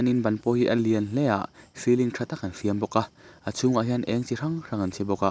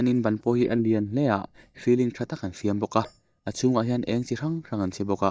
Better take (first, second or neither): first